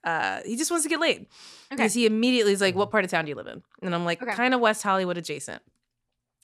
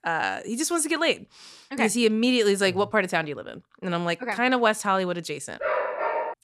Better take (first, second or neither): first